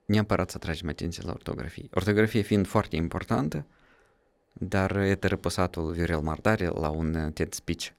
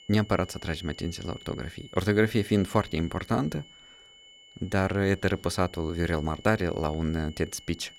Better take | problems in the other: first | high-pitched whine; faint; throughout; 3 kHz, 20 dB below the speech

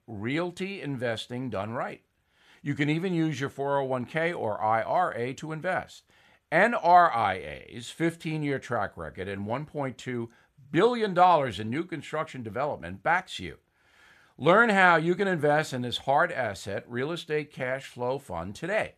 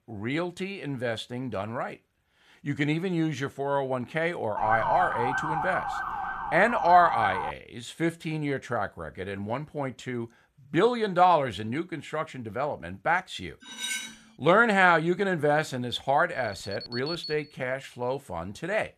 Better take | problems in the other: first | siren; loud; from 4.5 to 7.5 s; peak level with the speech // clattering dishes; noticeable; at 14 s; peak 4 dB below the speech // alarm; noticeable; from 16 to 17 s; peak 8 dB below the speech

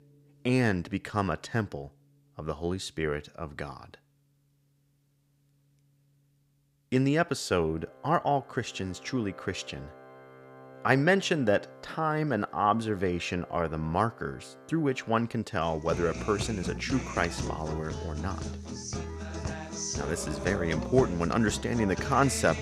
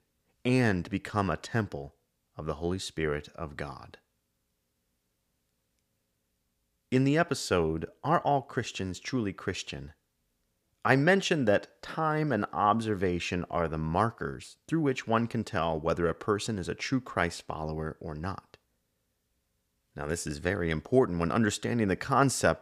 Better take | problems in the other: second | background music; loud; throughout; 9 dB below the speech

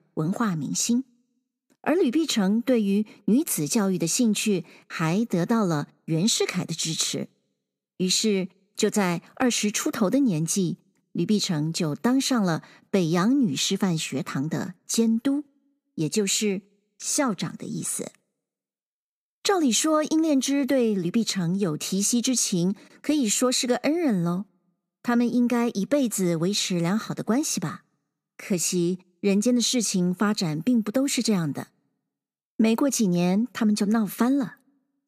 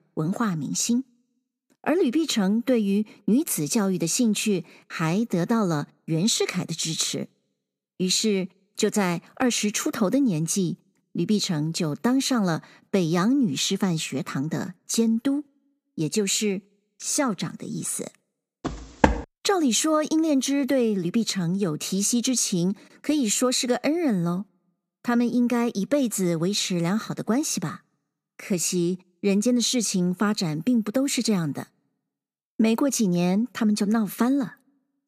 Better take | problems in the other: first | footsteps; loud; at 19 s; peak 1 dB above the speech

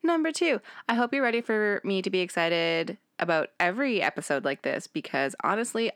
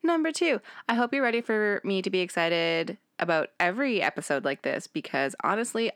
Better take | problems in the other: neither | none

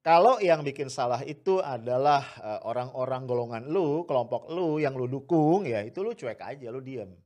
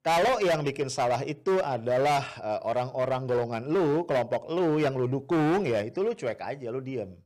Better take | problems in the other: first | distortion; heavy; 15% of the sound clipped

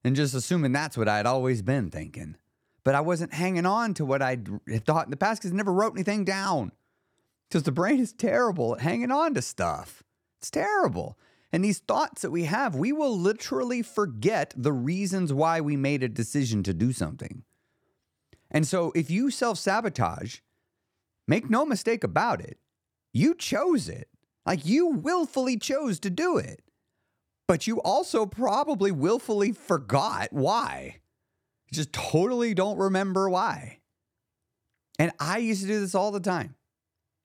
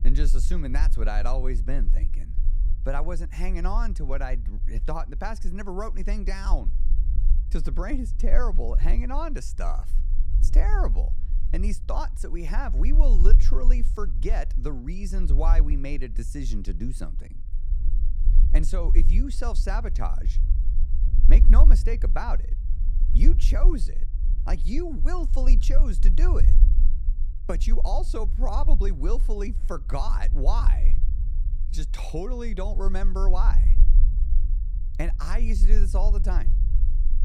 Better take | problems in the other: first | low rumble; noticeable; throughout; 15 dB below the speech

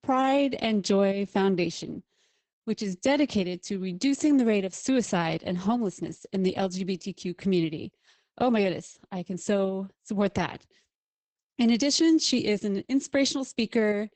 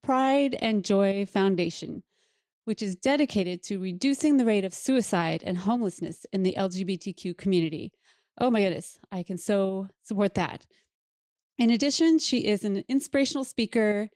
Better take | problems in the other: second | garbled, watery; badly; nothing above 8 kHz; slightly in the second

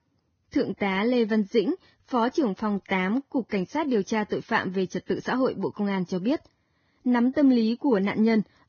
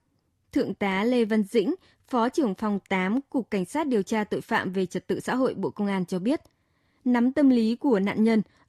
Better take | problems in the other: second | garbled, watery; badly; nothing above 6.5 kHz; slightly in the second

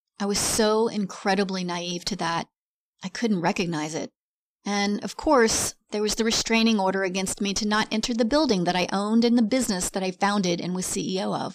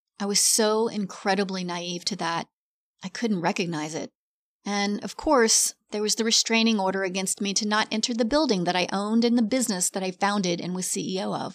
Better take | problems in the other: second | distortion; slight; 9 dB below the speech

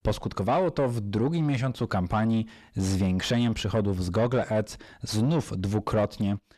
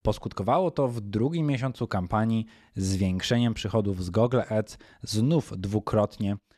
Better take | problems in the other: second | distortion; slight; 9 dB below the speech

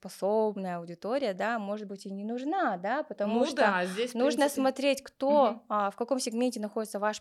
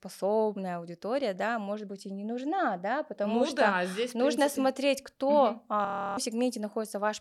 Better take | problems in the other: first | audio freezing; at 6 s

